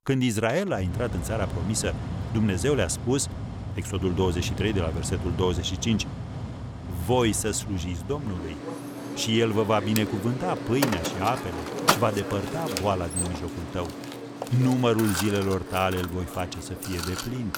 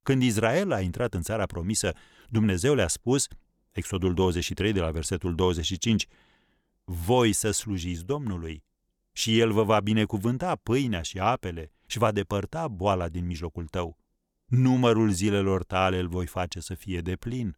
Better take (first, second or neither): second